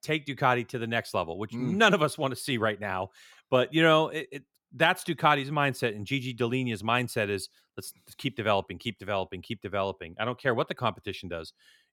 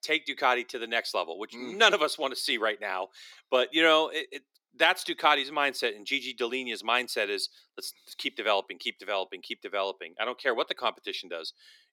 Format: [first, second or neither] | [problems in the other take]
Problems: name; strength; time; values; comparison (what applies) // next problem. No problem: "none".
first | thin; somewhat; fading below 300 Hz